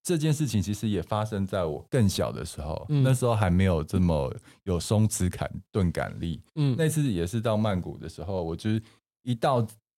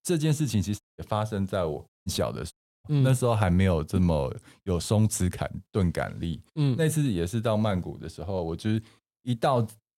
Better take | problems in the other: first | audio cutting out; at 1 s, at 2 s and at 2.5 s

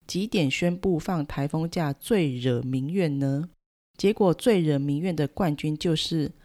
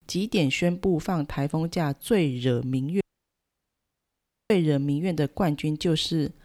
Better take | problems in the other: first | audio cutting out; at 3 s for 1.5 s

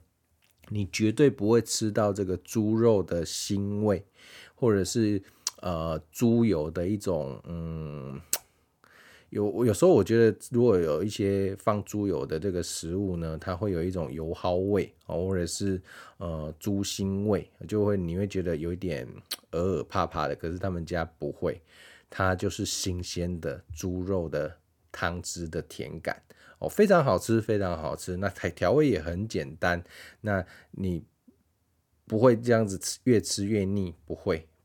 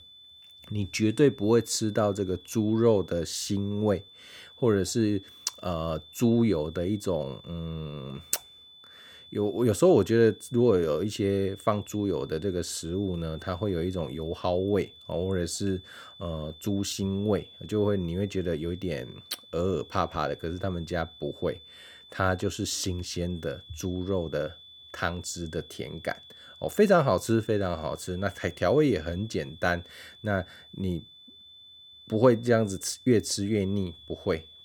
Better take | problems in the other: first | high-pitched whine; faint; throughout; 3.5 kHz, 20 dB below the speech

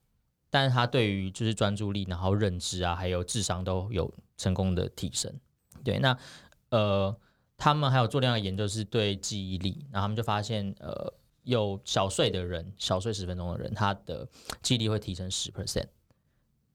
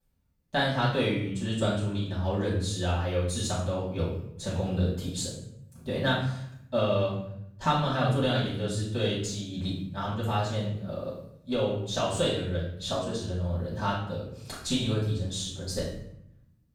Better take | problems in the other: first | off-mic speech; far // room echo; noticeable; dies away in 0.7 s

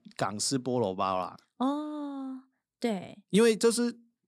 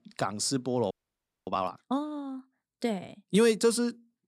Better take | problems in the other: first | audio freezing; at 1 s for 0.5 s

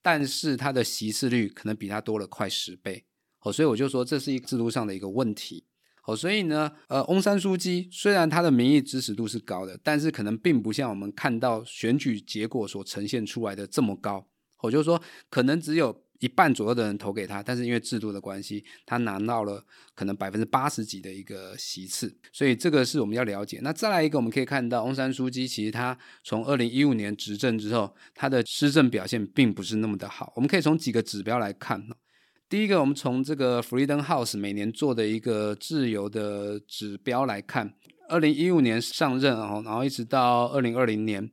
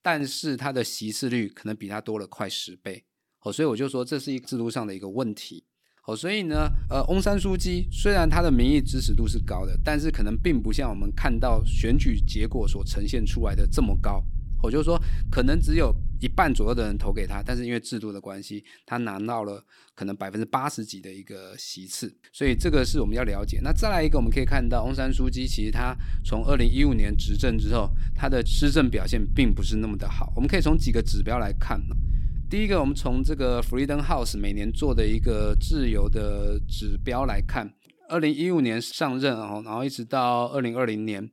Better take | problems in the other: first | low rumble; noticeable; from 6.5 to 18 s and from 22 to 38 s; 20 dB below the speech

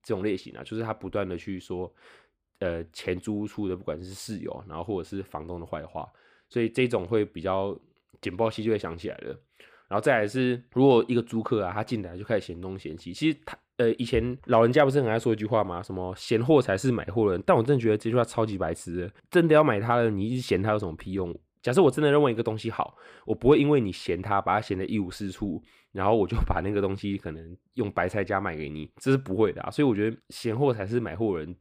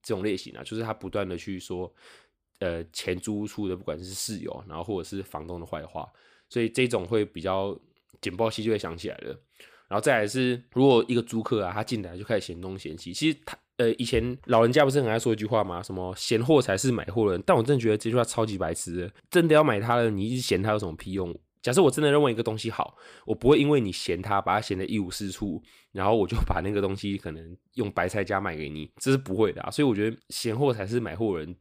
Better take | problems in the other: second | muffled; slightly; fading above 3.5 kHz

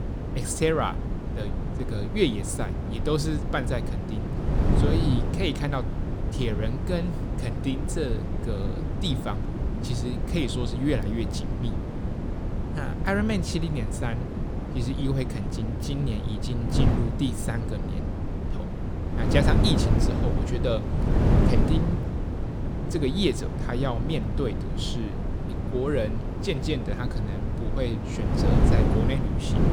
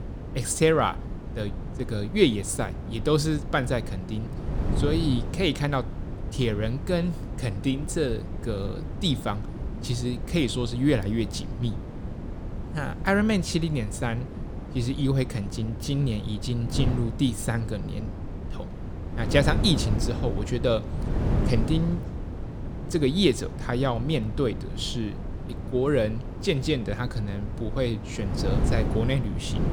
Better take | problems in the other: second | wind noise on the microphone; heavy; 3 dB below the speech; occasional gusts in the second

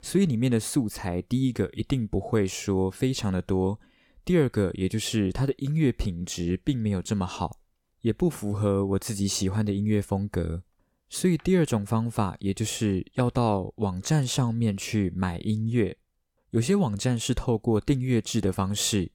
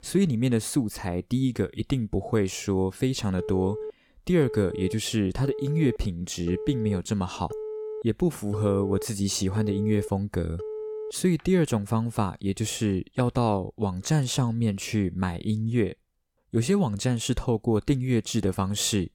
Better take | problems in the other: first | phone ringing; noticeable; from 3.5 to 11 s; peak 8 dB below the speech

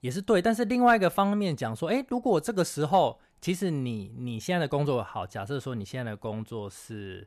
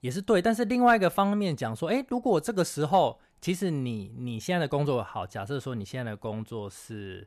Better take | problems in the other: neither | none

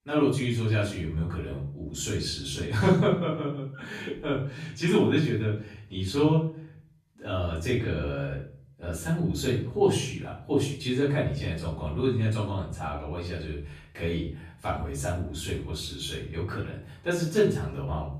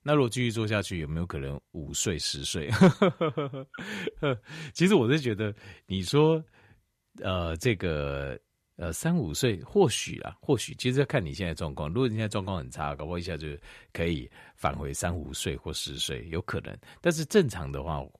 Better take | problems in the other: second | off-mic speech; far // room echo; noticeable; dies away in 0.5 s

